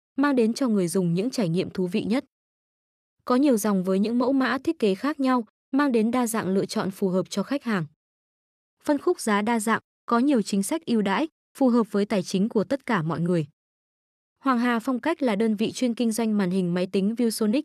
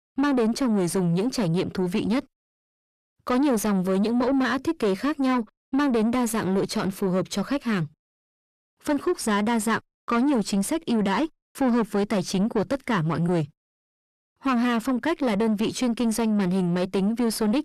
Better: first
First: none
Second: distortion; slight; 10 dB below the speech

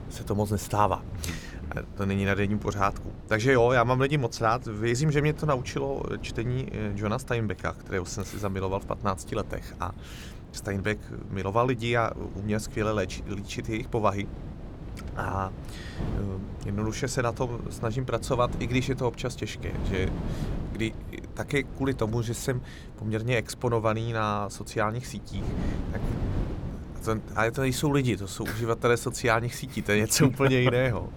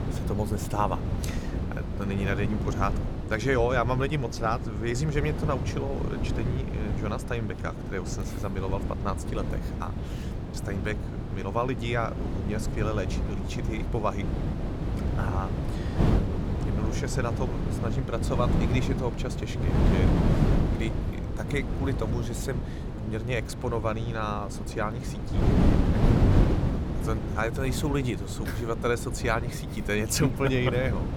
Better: first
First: wind noise on the microphone; occasional gusts; 20 dB below the speech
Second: wind noise on the microphone; heavy; 5 dB below the speech

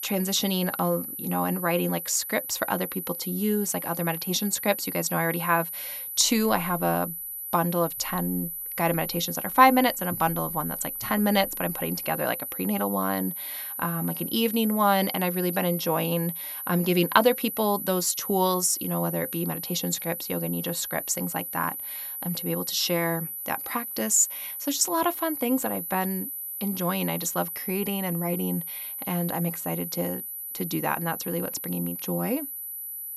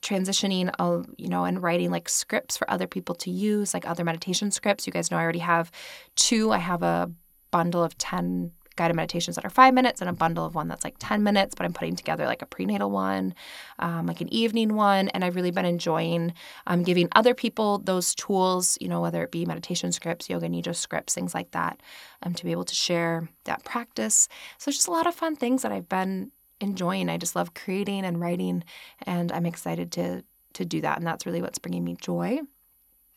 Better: second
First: high-pitched whine; loud; throughout; 12 kHz, 6 dB below the speech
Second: high-pitched whine; faint; throughout; 12 kHz, 35 dB below the speech

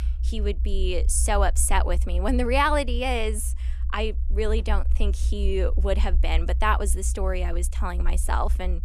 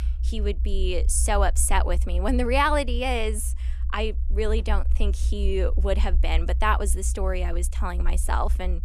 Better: neither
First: low rumble; faint; throughout; 20 dB below the speech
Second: low rumble; faint; throughout; 20 dB below the speech

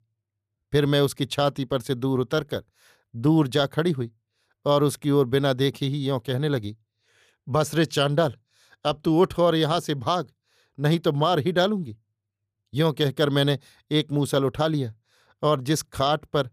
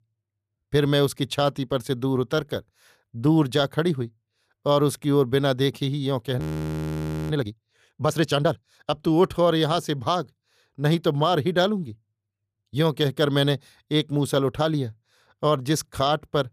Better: first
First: none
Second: audio freezing; at 6.5 s for 1 s

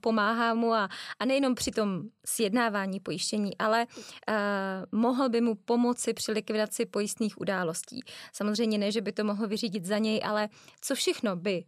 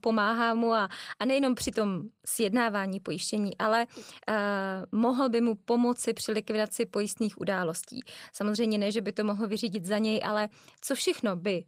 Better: first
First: none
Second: garbled, watery; slightly; nothing above 15.5 kHz

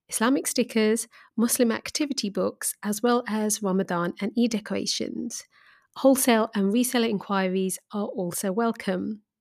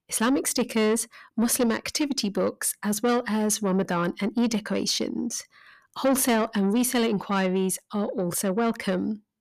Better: first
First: none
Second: distortion; slight; 10 dB below the speech

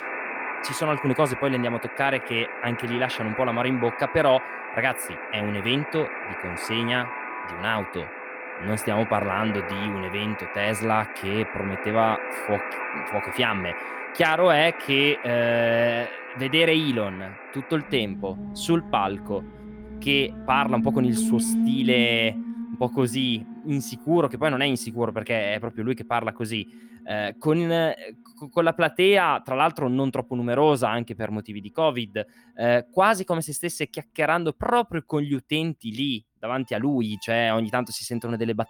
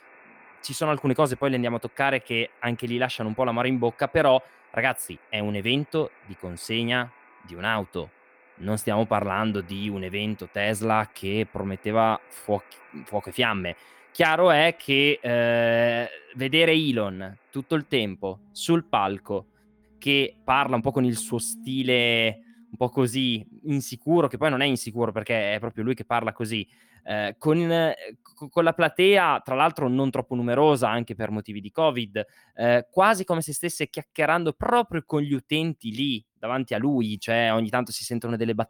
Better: second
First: alarms or sirens; loud; throughout; 7 dB below the speech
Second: alarms or sirens; faint; throughout; 30 dB below the speech

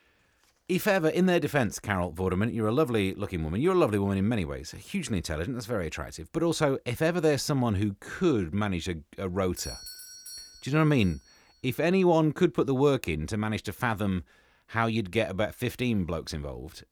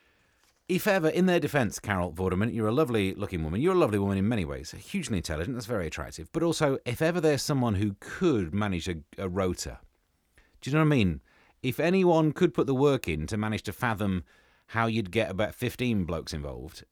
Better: second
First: doorbell; faint; from 9.5 to 11 s; peak 10 dB below the speech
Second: none

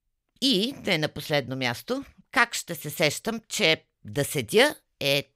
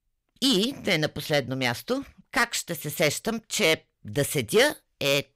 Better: first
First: none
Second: distortion; slight; 2% of the sound clipped

